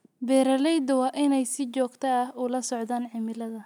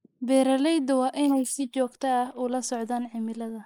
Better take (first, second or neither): first